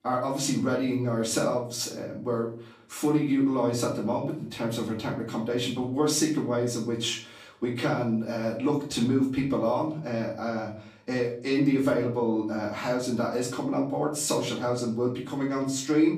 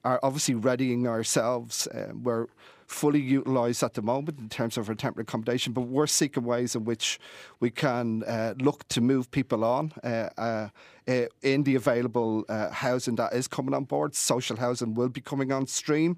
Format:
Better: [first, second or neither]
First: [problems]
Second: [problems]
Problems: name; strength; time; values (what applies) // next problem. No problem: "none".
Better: second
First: off-mic speech; far // room echo; slight; dies away in 0.4 s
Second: none